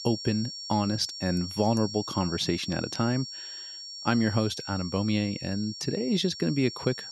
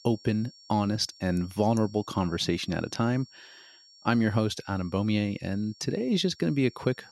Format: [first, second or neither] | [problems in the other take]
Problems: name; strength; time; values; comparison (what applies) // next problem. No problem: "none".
second | high-pitched whine; loud; throughout; 5.5 kHz, 9 dB below the speech; faint in the second